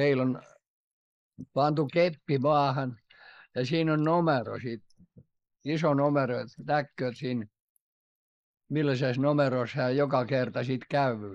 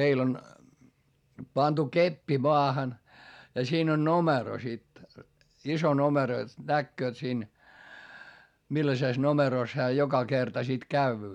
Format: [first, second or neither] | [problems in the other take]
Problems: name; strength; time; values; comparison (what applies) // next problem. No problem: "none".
second | noise reduction (neural mask model Resemble Enhance denoiser)